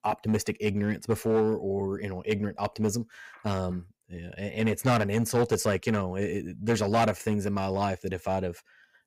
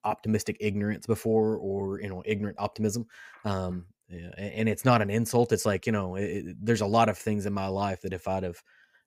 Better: second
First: distortion; slight; 3% of the sound clipped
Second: none

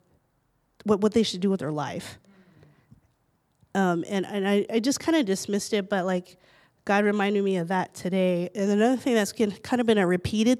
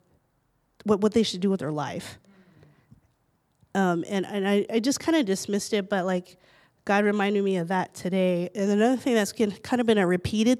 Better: neither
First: none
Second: none

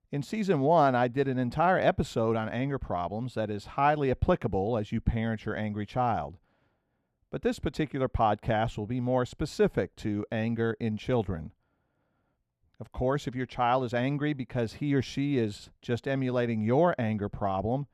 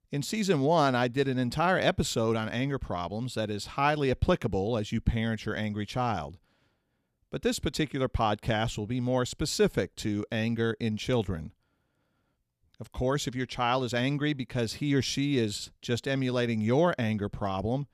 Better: second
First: muffled; slightly; fading above 3 kHz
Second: none

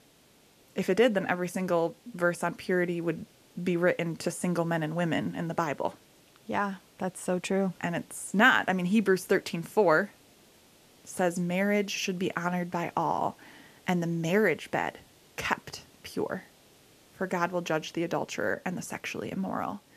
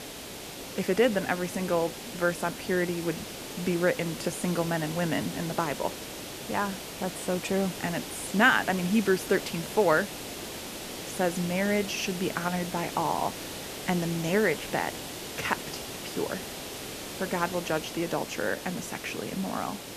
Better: first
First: hiss; faint; throughout; 30 dB below the speech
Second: hiss; loud; throughout; 8 dB below the speech

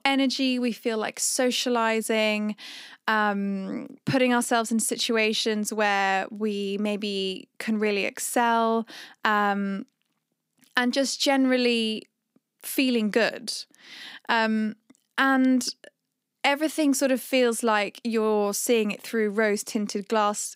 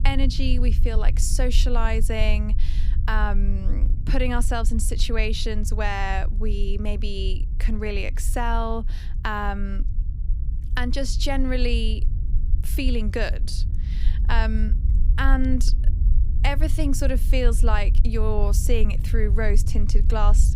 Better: first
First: none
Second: low rumble; noticeable; throughout; 15 dB below the speech

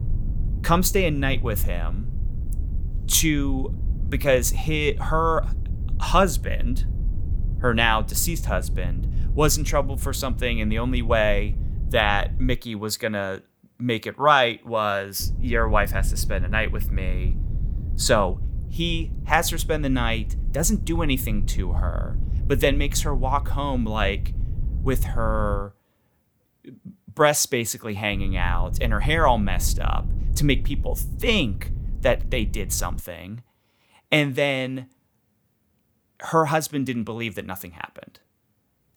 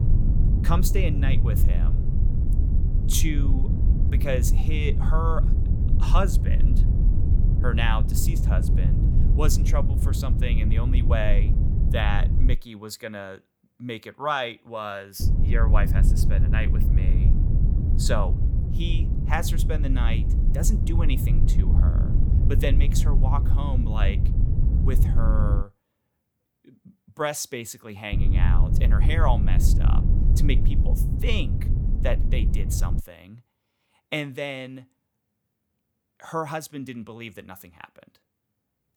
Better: first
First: low rumble; faint; until 13 s, from 15 to 26 s and from 28 to 33 s; 20 dB below the speech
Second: low rumble; loud; until 13 s, from 15 to 26 s and from 28 to 33 s; 6 dB below the speech

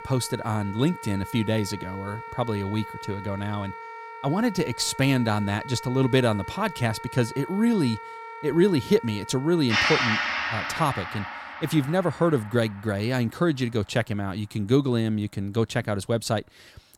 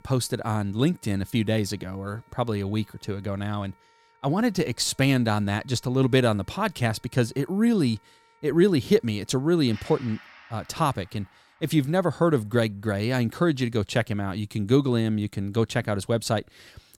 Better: second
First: background music; loud; throughout; 7 dB below the speech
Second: background music; faint; throughout; 30 dB below the speech

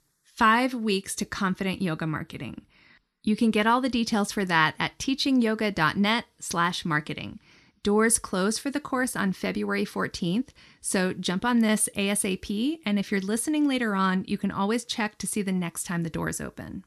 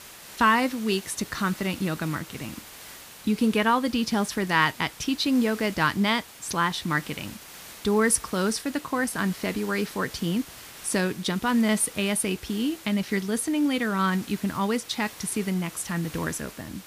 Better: first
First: none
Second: hiss; noticeable; throughout; 15 dB below the speech

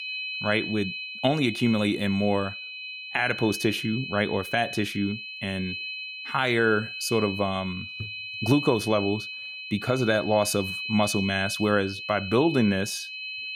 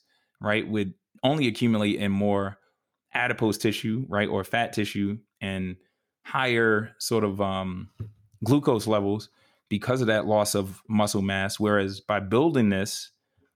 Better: second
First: high-pitched whine; loud; throughout; 2.5 kHz, 7 dB below the speech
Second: none

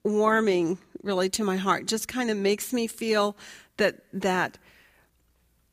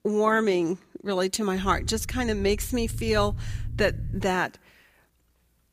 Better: first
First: none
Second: low rumble; faint; from 1.5 to 4.5 s; 25 dB below the speech

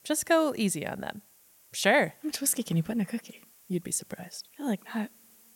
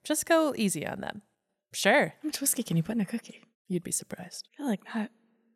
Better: second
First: hiss; faint; throughout; 25 dB below the speech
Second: none

